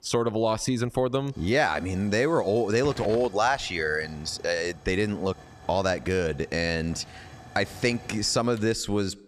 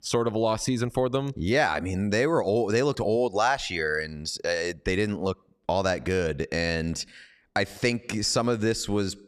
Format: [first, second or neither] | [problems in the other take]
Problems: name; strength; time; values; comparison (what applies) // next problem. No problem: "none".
second | hiss; faint; throughout; 20 dB below the speech